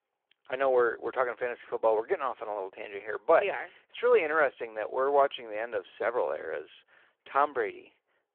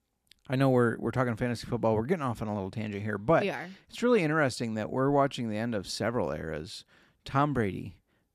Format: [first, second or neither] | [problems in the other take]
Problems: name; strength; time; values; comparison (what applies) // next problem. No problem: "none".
second | phone-call audio